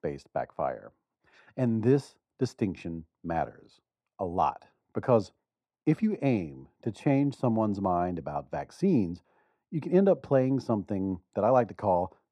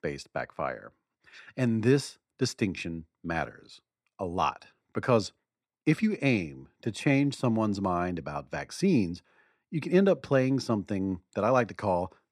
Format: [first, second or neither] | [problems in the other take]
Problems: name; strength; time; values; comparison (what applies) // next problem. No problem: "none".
second | muffled; slightly; fading above 1 kHz